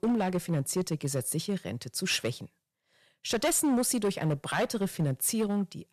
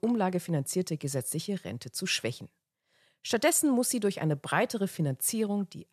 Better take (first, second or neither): second